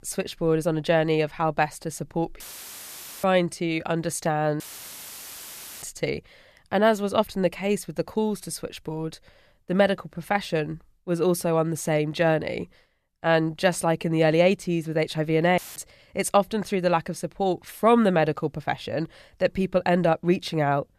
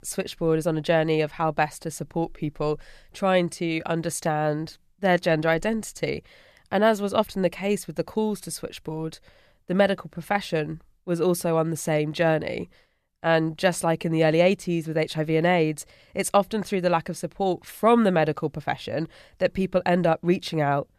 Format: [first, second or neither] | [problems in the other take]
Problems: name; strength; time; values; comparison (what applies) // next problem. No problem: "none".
second | audio cutting out; filled with static; at 2.5 s for 1 s, at 4.5 s for 1 s and at 16 s